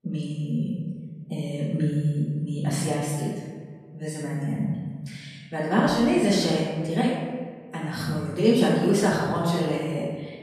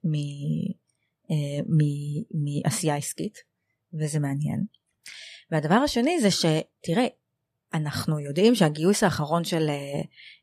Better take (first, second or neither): second